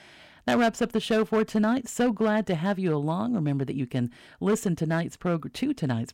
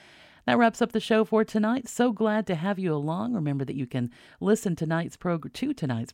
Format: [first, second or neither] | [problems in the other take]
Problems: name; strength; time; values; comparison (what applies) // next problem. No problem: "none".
second | distortion; slight; 4% of the sound clipped